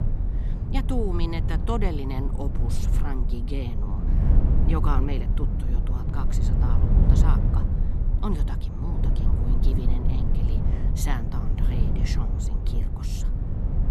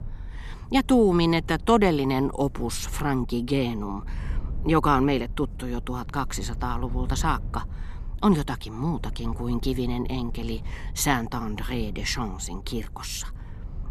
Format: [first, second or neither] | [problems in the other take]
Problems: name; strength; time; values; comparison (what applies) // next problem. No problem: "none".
second | low rumble; loud; throughout; 2 dB below the speech; faint in the second